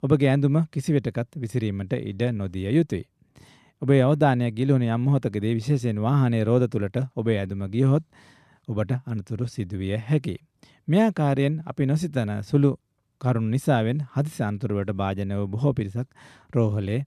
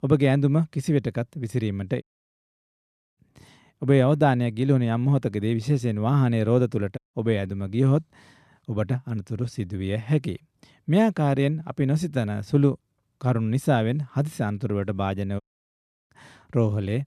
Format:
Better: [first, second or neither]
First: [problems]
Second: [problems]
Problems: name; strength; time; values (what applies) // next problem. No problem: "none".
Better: first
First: none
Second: audio cutting out; at 2 s for 1 s, at 7 s and at 15 s for 0.5 s